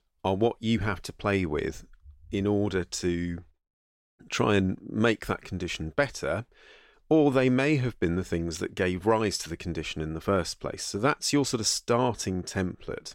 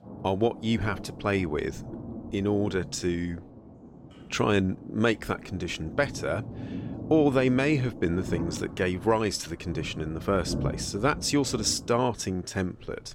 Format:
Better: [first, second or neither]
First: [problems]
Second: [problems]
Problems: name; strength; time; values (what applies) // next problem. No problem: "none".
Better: first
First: none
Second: rain or running water; noticeable; throughout; 10 dB below the speech